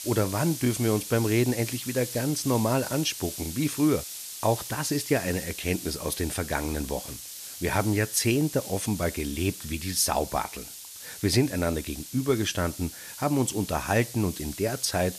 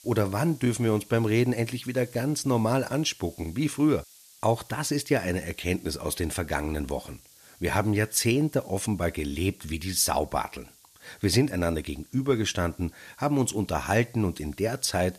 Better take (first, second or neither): second